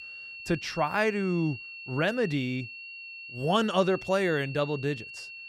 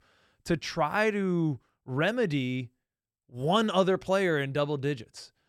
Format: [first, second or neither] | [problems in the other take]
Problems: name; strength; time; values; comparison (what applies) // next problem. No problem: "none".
second | high-pitched whine; noticeable; throughout; 2.5 kHz, 10 dB below the speech